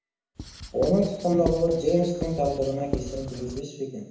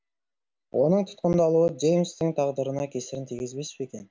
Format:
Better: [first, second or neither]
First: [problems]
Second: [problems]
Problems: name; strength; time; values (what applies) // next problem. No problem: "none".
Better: second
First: background sound (Writing); 9 dB below the speech // room echo; dies away in 0.8 s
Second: none